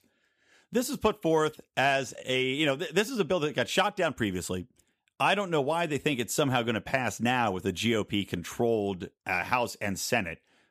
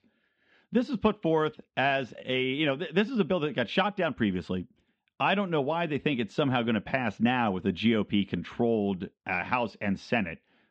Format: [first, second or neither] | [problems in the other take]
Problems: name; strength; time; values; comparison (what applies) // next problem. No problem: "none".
first | muffled; slightly; fading above 4 kHz